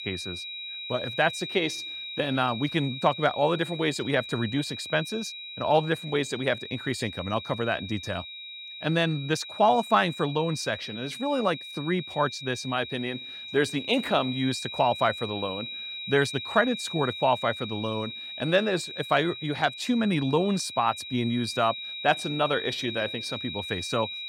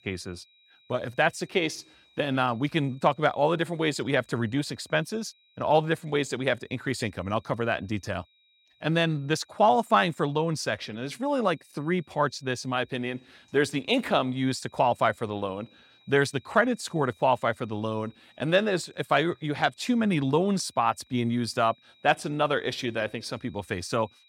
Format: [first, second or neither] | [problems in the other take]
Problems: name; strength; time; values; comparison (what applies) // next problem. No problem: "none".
second | high-pitched whine; loud; throughout; 4 kHz, 8 dB below the speech; faint in the second